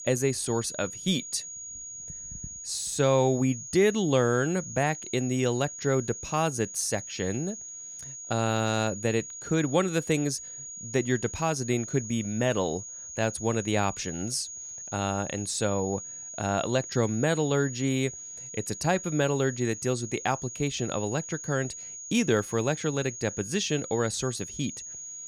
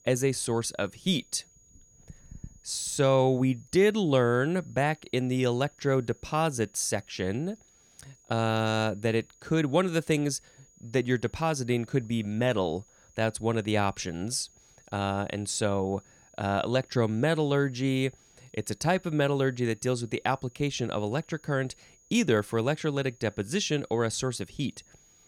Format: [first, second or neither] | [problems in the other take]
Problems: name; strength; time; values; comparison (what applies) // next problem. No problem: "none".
second | high-pitched whine; loud; throughout; 6.5 kHz, 9 dB below the speech; faint in the second